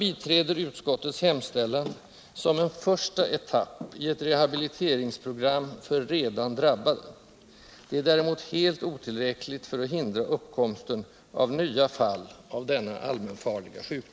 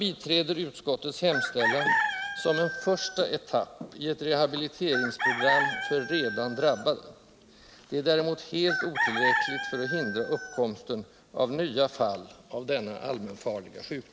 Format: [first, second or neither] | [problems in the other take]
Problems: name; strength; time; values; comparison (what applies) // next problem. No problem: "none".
first | background sound (Chicken, rooster); 1 dB below the speech